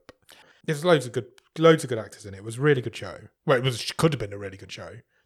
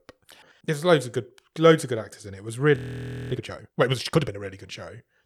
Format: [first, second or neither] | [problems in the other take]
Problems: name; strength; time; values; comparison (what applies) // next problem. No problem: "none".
first | audio freezing; at 3 s for 0.5 s